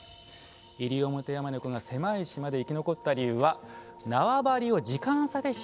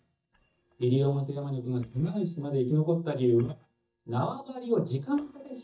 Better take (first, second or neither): first